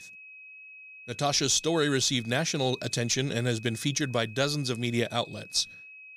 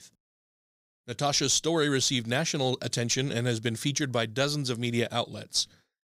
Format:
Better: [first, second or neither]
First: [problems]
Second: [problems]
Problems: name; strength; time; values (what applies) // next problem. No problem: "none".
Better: second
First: high-pitched whine; noticeable; throughout; 2.5 kHz, 20 dB below the speech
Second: none